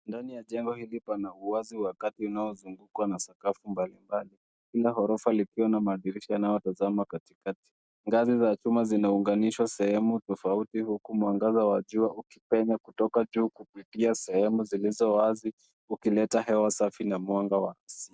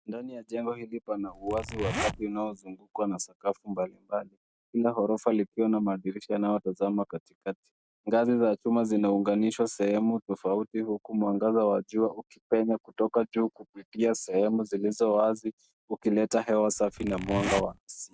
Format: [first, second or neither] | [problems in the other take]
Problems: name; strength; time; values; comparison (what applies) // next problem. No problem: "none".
first | background sound (Zipper (clothing)); 6 dB below the speech